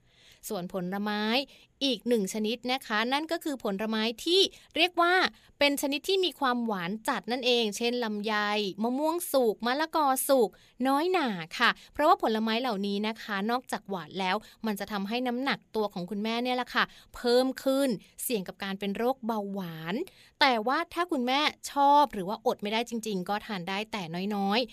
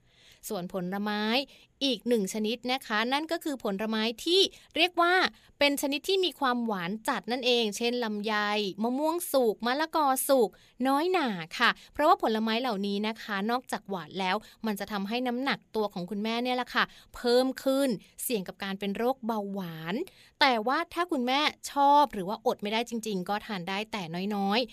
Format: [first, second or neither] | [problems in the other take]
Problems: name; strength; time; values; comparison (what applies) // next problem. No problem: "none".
neither | none